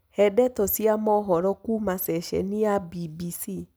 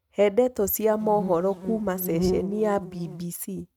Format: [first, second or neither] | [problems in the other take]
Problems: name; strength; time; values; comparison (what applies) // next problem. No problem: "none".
first | noise reduction (neural mask model RNNoise)